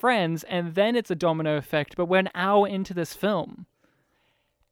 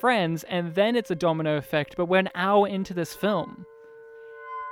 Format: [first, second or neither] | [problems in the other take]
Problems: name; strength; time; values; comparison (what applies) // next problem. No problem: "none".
first | background music; faint; throughout; 20 dB below the speech